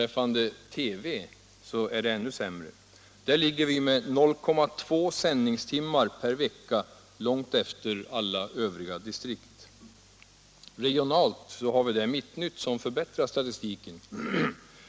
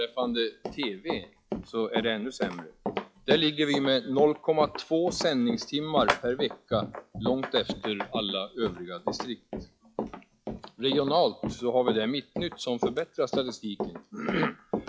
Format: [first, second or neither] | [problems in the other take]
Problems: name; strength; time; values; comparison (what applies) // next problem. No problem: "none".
first | noise reduction (classical method log-MMSE)